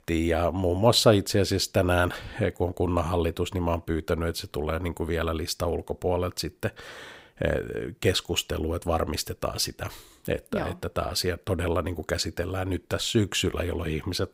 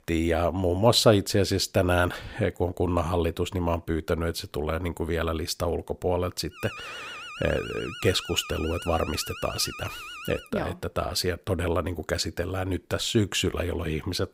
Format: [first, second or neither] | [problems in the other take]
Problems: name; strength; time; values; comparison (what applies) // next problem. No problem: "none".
first | alarm; faint; from 6.5 to 10 s; peak 10 dB below the speech